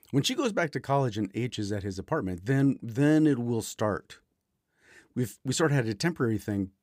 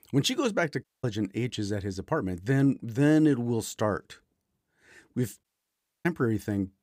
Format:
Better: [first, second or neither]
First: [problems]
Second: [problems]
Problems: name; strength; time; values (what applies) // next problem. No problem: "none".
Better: first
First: none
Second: audio cutting out; at 1 s and at 5.5 s for 0.5 s